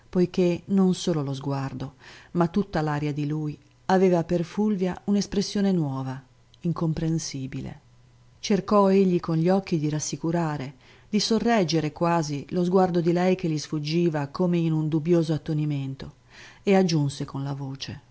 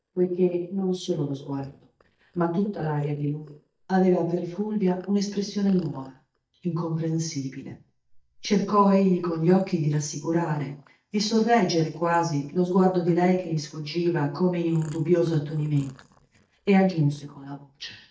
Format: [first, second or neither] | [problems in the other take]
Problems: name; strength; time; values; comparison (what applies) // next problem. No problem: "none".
first | noise reduction (neural mask model DeepFilterNet 3)